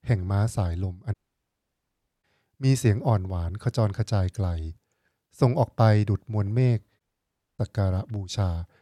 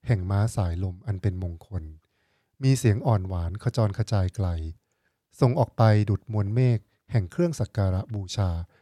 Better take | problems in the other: second | audio cutting out; at 1 s for 1 s and at 7 s for 0.5 s

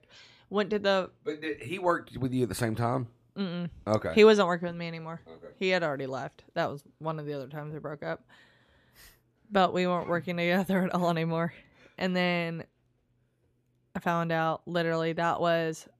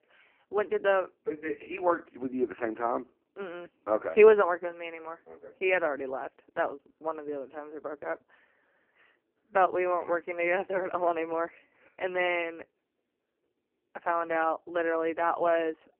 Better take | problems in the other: first | phone-call audio; poor line; nothing above 3 kHz

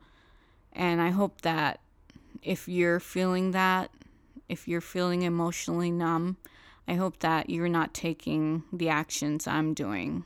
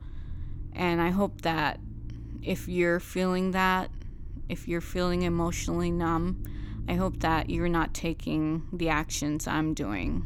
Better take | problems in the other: first | low rumble; faint; throughout; 25 dB below the speech

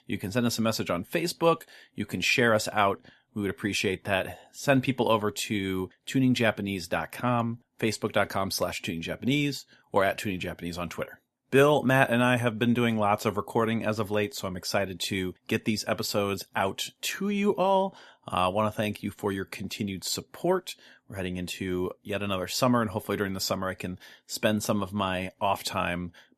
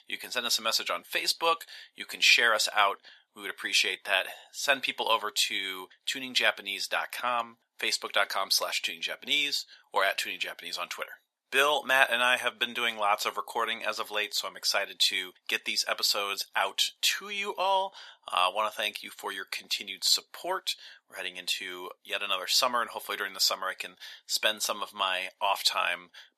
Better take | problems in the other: first | thin; very; fading below 850 Hz

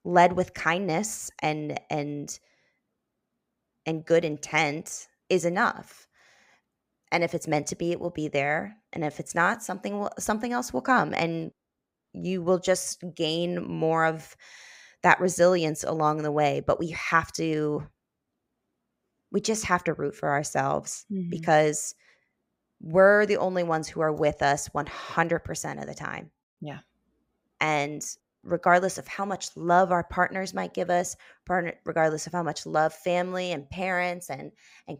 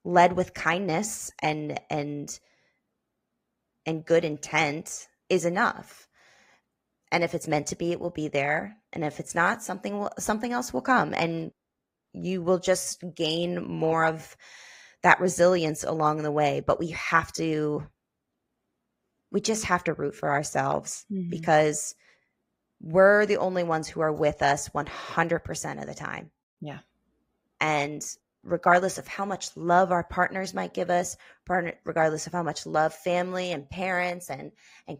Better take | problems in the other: first | garbled, watery; slightly; nothing above 15.5 kHz

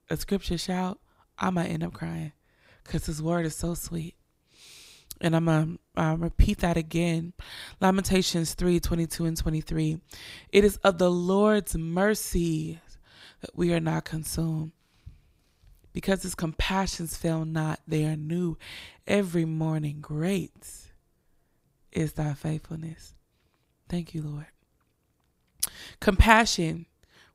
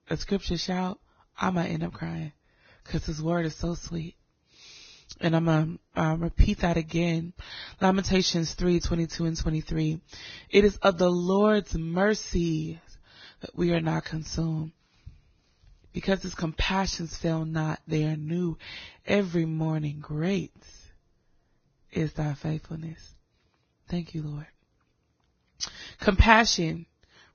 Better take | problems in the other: first | garbled, watery; badly; nothing above 6.5 kHz

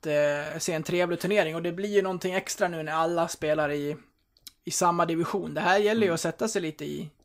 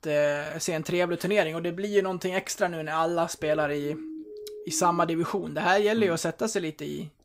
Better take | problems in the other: first | siren; faint; from 3.5 to 5 s; peak 10 dB below the speech

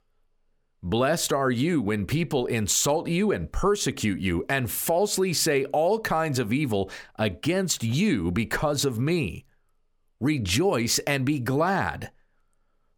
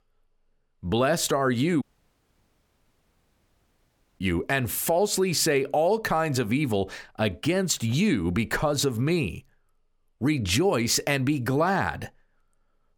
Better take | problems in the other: first | audio cutting out; at 2 s for 2.5 s

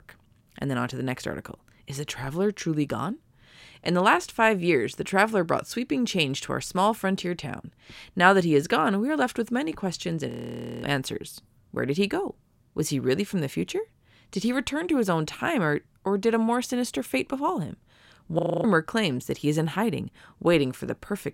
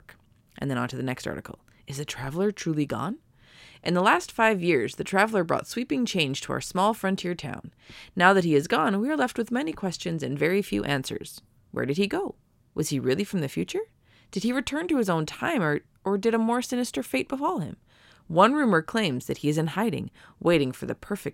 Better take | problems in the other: second | audio freezing; at 10 s for 0.5 s and at 18 s

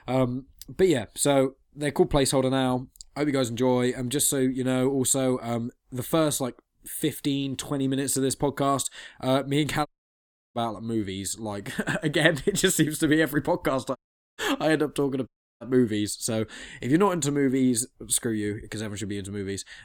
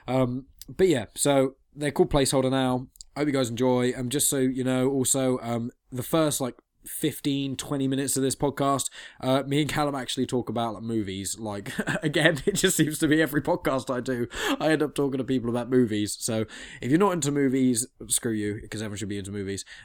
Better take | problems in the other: second | audio cutting out; at 10 s for 0.5 s, at 14 s and at 15 s

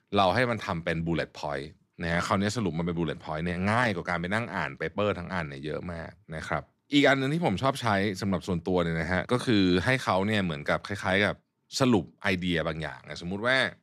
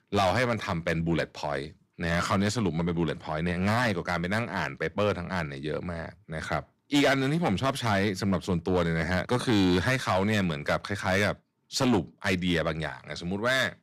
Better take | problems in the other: first | distortion; slight; 5% of the sound clipped

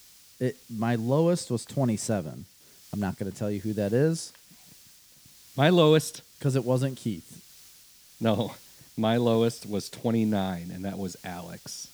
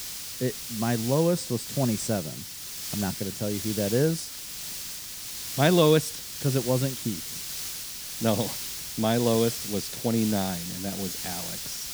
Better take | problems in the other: first | hiss; loud; throughout; 6 dB below the speech; faint in the first

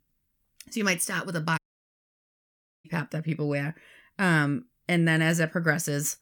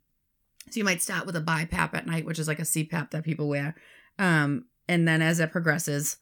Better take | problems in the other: second | audio cutting out; at 1.5 s for 1.5 s

